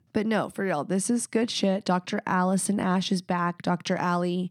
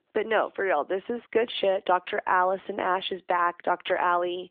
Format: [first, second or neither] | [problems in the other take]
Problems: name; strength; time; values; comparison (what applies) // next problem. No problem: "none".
first | phone-call audio